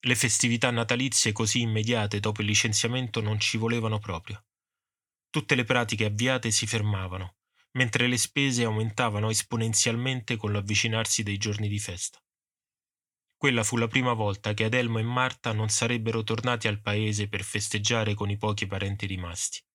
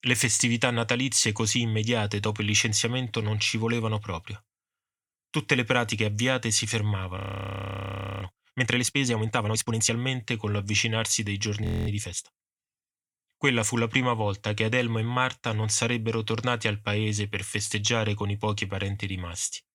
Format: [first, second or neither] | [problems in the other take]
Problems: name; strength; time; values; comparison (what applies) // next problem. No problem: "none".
first | audio freezing; at 7 s for 1 s and at 12 s